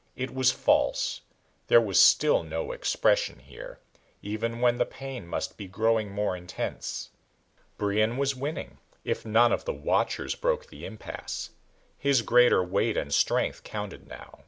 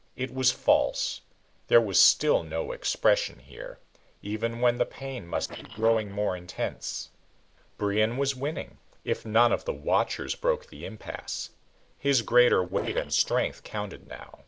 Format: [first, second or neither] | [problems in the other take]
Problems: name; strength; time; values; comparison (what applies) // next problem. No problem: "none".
first | noise reduction (neural separator model SepFormer DNS4)